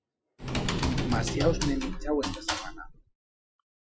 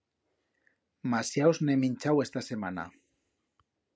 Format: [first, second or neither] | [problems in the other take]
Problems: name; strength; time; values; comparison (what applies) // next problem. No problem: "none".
second | noise reduction (classical method Wiener filter)